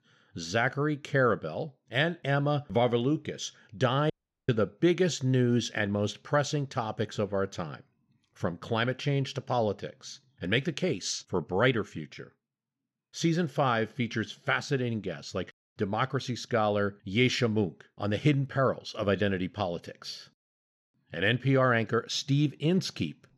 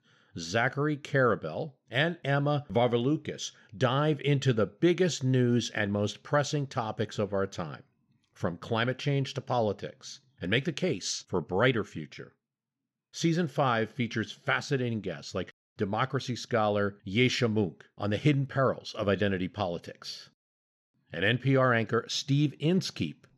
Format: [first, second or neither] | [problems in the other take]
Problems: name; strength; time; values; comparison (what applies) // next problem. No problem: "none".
second | audio cutting out; at 4 s